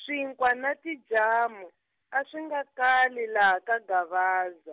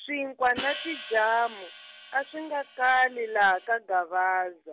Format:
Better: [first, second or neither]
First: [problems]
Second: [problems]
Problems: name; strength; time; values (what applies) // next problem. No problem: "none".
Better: first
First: none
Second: background sound (Hi-hat); 14 dB below the speech